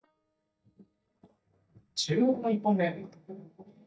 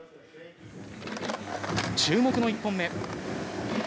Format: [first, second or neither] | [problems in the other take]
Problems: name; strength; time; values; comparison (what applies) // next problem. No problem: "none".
second | noise reduction (neural mask model DeepFilterNet 3)